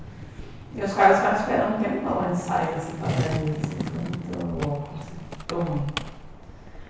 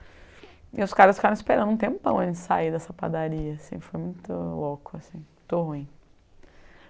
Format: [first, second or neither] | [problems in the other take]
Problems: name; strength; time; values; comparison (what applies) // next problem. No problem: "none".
second | background sound (Skateboard); 8 dB below the speech // room echo; dies away in 1.1 s